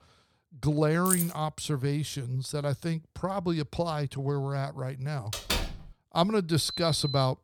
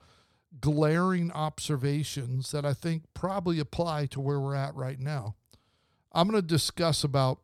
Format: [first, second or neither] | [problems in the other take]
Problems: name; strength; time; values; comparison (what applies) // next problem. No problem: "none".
second | jangling keys; loud; at 1 s; peak 1 dB above the speech // door banging; noticeable; at 5.5 s; peak 1 dB below the speech // alarm; noticeable; at 6.5 s; peak 5 dB below the speech